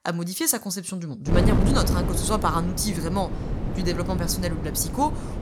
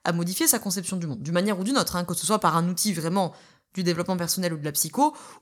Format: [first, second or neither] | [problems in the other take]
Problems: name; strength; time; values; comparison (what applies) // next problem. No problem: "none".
second | wind noise on the microphone; heavy; from 1.5 s on; 6 dB below the speech